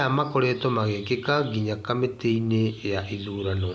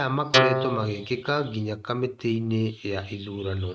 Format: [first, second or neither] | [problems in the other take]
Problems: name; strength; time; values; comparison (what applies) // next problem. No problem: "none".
first | noise reduction (neural mask model RNNoise)